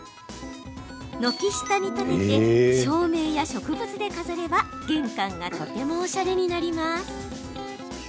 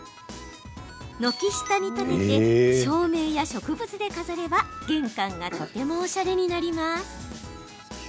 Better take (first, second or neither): second